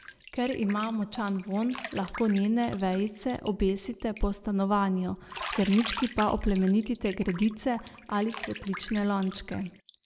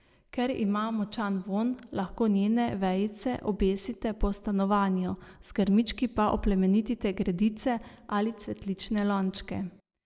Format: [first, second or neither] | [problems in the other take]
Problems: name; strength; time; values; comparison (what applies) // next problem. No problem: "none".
second | background sound (Bathtub (filling or washing)); 15 dB below the speech